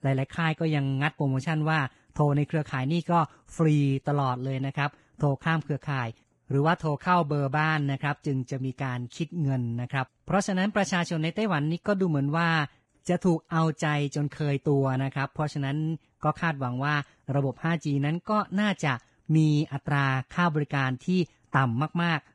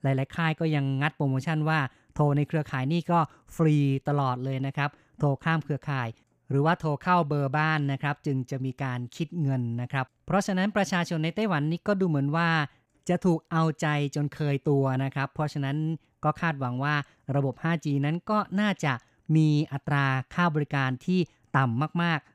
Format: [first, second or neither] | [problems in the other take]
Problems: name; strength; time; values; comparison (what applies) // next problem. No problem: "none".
second | garbled, watery; badly; nothing above 10.5 kHz